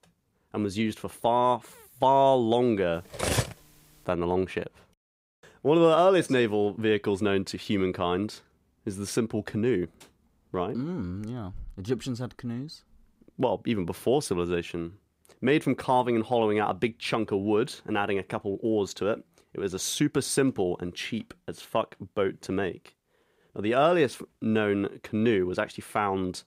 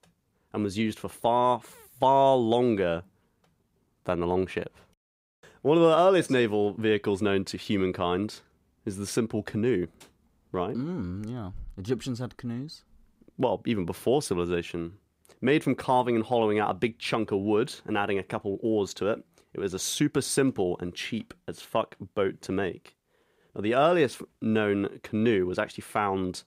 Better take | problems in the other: second | clattering dishes; noticeable; at 3 s; peak level with the speech

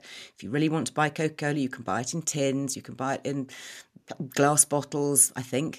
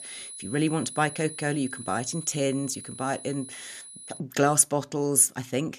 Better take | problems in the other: first | high-pitched whine; noticeable; until 4 s; 10.5 kHz, 15 dB below the speech

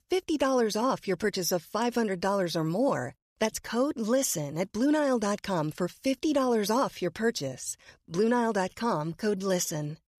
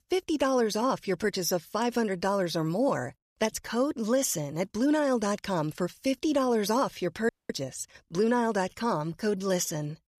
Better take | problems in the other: first | audio freezing; at 7.5 s

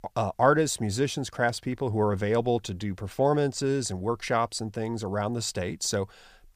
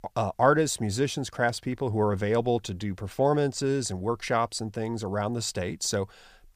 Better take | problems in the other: neither | none

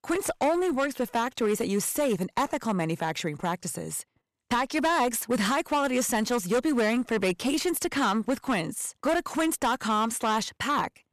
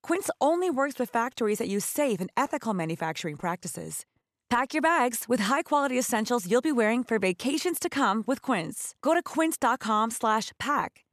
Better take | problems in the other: second | distortion; slight; 11% of the sound clipped

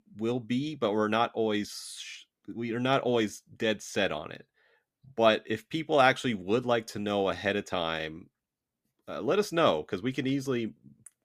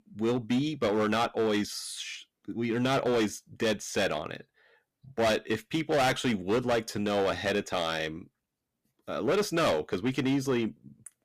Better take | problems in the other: first | distortion; heavy; 9% of the sound clipped

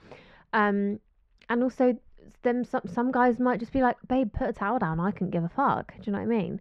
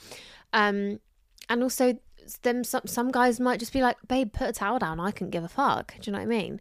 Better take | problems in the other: second | muffled; very; fading above 2 kHz

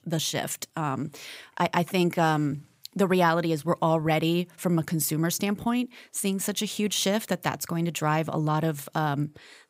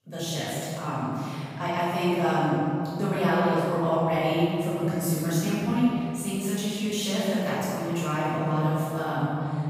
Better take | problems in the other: first | off-mic speech; far // room echo; strong; dies away in 2.9 s

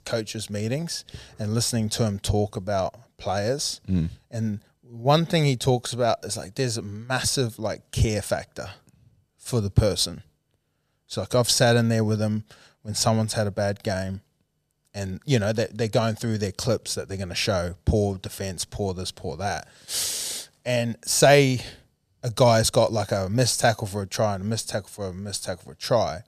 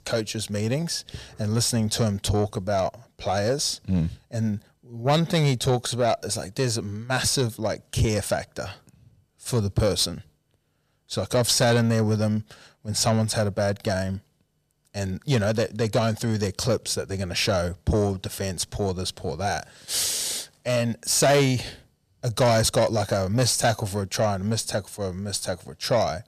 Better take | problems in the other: first | distortion; slight; 10 dB below the speech

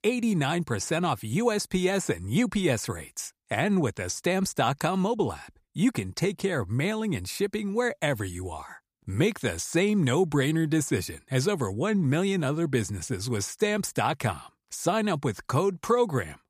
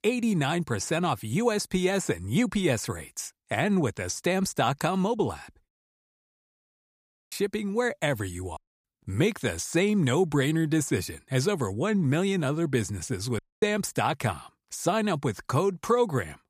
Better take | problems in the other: first | audio cutting out; at 5.5 s for 1.5 s, at 8.5 s and at 13 s

